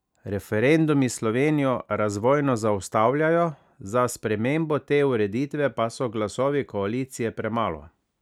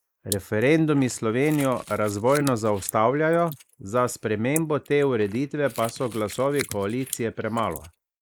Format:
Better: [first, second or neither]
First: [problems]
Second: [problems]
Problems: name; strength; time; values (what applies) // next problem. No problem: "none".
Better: first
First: none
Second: noise reduction (neural mask model Resemble Enhance denoiser)